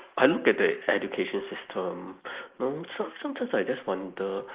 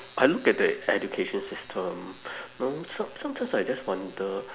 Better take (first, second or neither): second